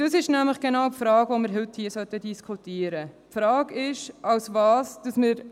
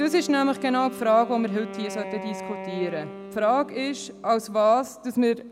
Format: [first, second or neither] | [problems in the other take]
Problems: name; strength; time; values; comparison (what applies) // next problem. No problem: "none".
first | background sound (Wind instrument, woodwind instrument); 13 dB below the speech